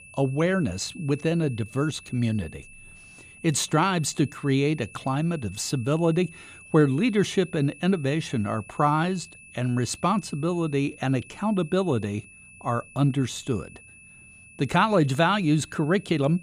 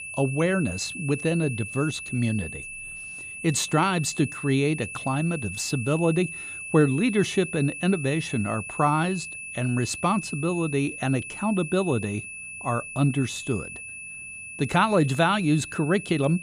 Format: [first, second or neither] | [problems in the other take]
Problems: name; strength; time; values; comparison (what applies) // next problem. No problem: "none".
first | high-pitched whine; loud; throughout; 2.5 kHz, 9 dB below the speech; faint in the first